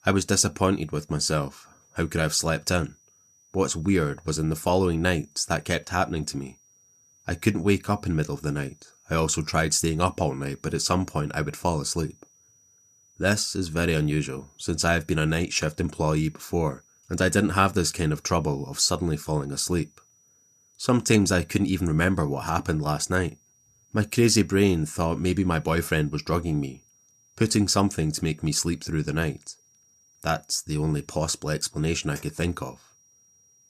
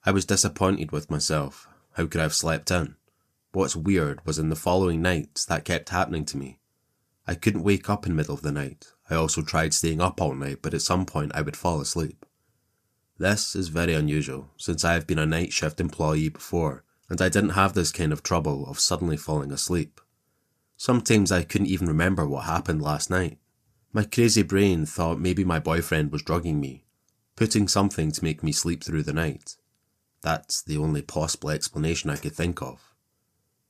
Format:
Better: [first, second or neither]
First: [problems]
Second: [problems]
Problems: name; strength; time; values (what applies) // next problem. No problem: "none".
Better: second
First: high-pitched whine; faint; throughout; 6 kHz, 35 dB below the speech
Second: none